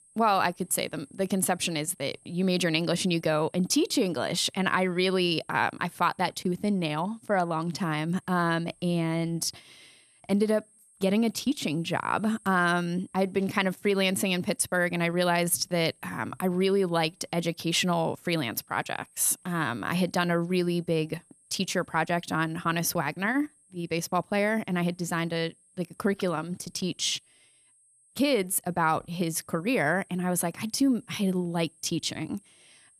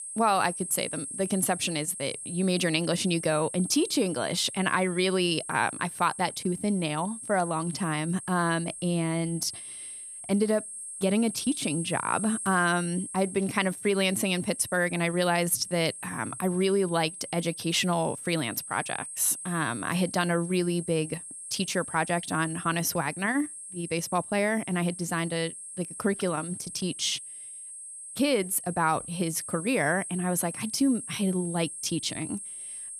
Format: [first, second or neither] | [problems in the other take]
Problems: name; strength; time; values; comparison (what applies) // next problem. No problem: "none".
first | high-pitched whine; loud; throughout; 8.5 kHz, 9 dB below the speech; faint in the first